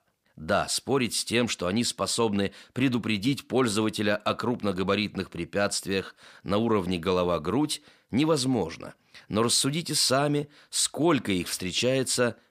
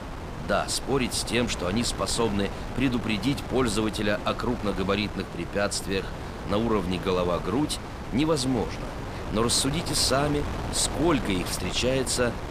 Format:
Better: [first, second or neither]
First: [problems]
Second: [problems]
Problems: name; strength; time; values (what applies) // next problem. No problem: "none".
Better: first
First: none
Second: wind noise on the microphone; heavy; 9 dB below the speech